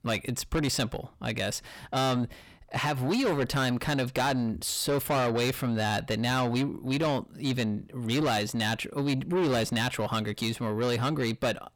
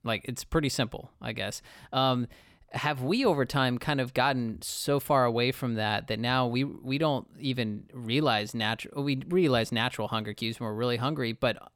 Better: second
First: distortion; heavy; 7 dB below the speech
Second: none

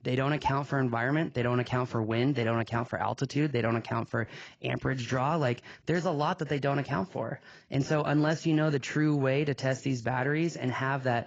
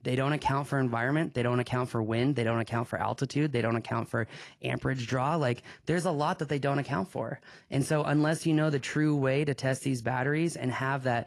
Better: second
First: garbled, watery; badly; nothing above 7.5 kHz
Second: garbled, watery; slightly; nothing above 11 kHz

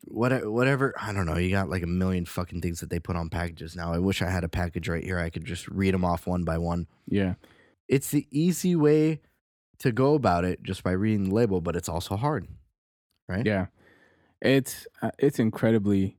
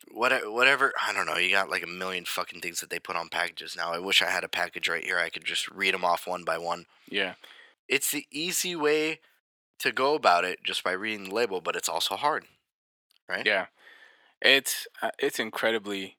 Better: first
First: none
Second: thin; very; fading below 700 Hz

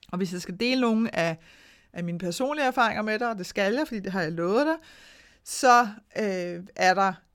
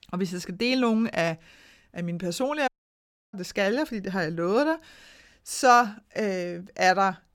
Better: first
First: none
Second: audio cutting out; at 2.5 s for 0.5 s

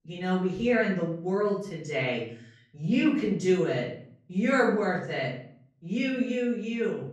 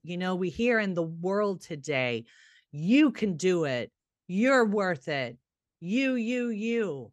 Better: second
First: off-mic speech; far // room echo; noticeable; dies away in 0.5 s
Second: none

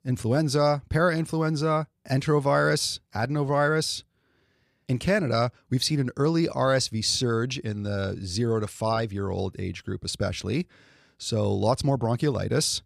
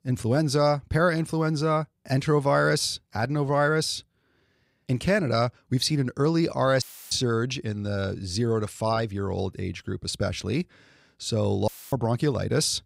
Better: first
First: none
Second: audio cutting out; filled with static; at 7 s and at 12 s

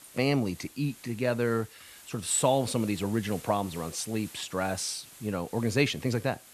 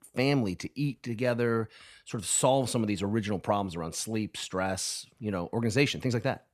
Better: second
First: hiss; noticeable; throughout; 20 dB below the speech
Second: none

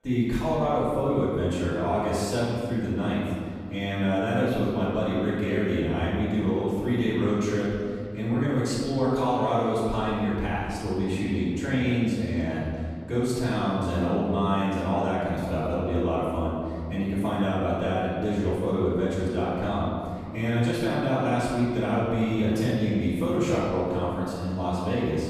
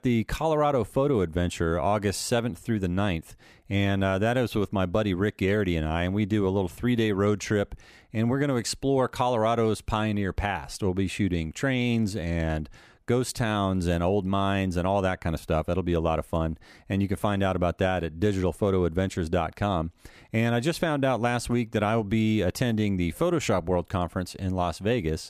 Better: second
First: off-mic speech; far // room echo; strong; dies away in 2.1 s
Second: none

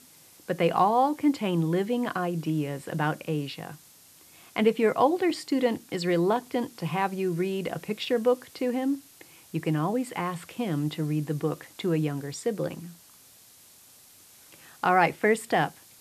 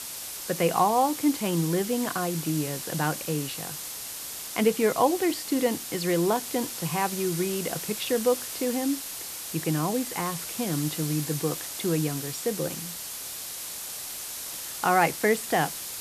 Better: first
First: hiss; faint; throughout; 25 dB below the speech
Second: hiss; loud; throughout; 6 dB below the speech

